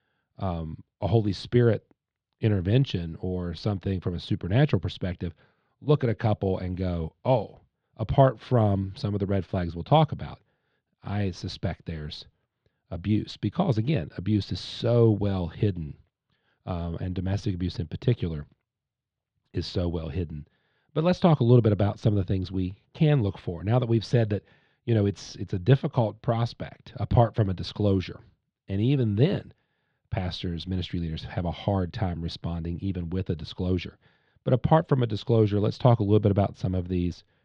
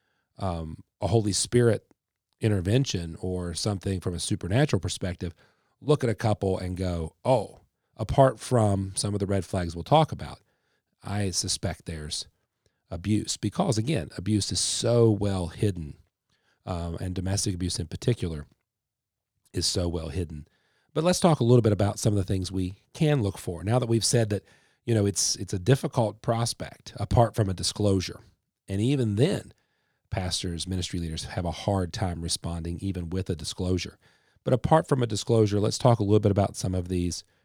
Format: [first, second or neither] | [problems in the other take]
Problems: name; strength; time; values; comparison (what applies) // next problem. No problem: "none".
second | muffled; slightly; fading above 3.5 kHz